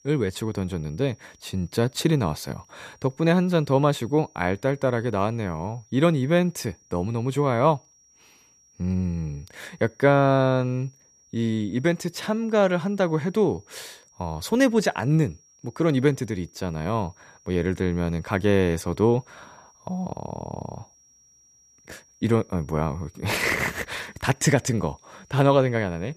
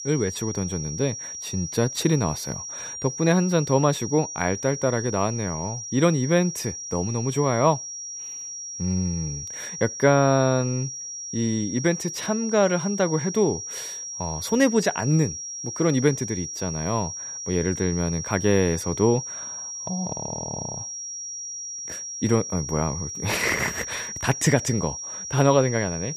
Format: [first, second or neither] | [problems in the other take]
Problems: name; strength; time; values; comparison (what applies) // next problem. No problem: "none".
first | high-pitched whine; loud; throughout; 5.5 kHz, 7 dB below the speech; faint in the first